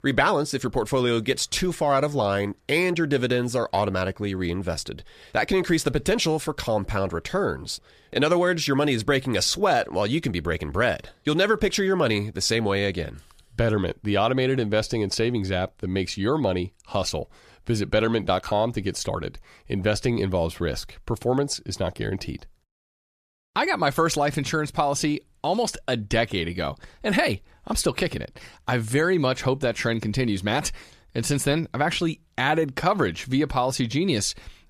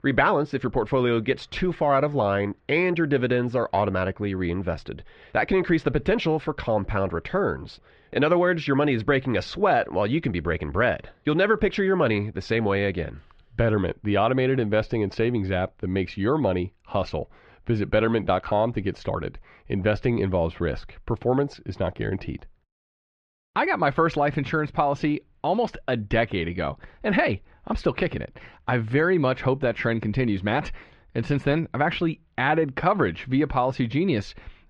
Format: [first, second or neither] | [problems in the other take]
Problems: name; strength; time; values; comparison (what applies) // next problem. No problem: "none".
first | muffled; very; fading above 2.5 kHz